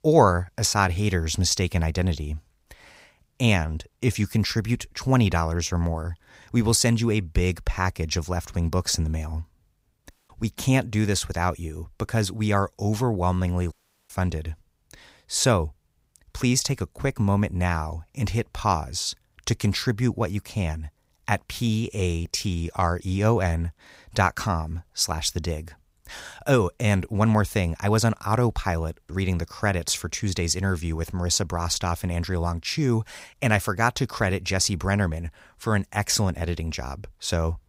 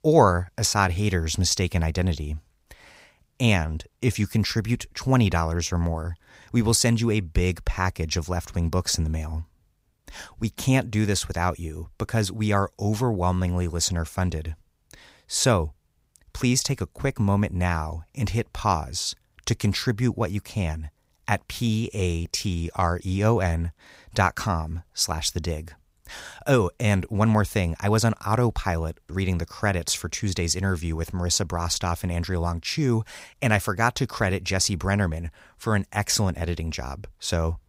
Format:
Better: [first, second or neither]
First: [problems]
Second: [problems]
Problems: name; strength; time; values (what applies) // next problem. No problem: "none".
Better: second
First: audio cutting out; at 10 s and at 14 s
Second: none